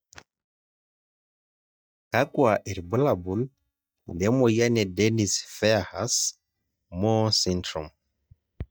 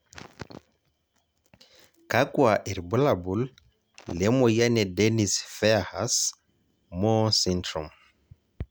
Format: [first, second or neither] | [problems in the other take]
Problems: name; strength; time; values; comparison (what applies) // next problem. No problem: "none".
second | noise reduction (neural mask model DeepFilterNet 3)